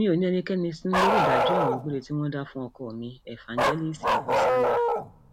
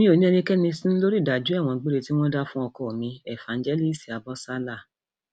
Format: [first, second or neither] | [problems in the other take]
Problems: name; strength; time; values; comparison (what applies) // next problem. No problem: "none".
second | background sound (Bark); 3 dB above the speech